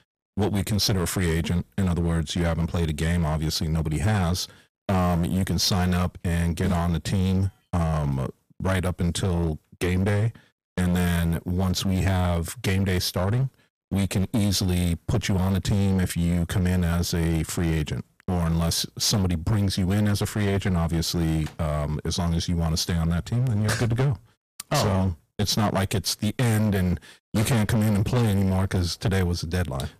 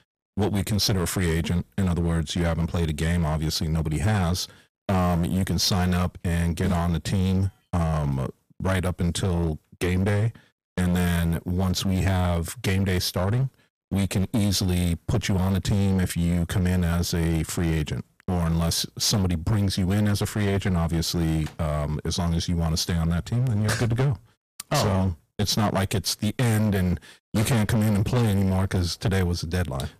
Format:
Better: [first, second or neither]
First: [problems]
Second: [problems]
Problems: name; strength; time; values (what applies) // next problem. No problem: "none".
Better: neither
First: distortion; heavy; 16% of the sound clipped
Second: distortion; heavy; 16% of the sound clipped